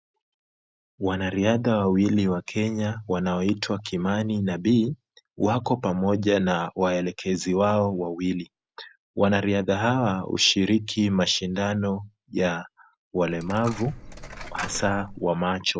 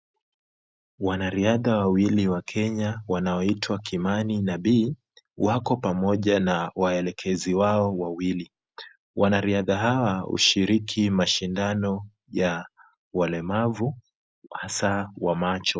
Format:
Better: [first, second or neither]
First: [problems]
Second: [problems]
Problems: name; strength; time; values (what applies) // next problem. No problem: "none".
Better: second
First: background sound (Coin (dropping)); 13 dB below the speech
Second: none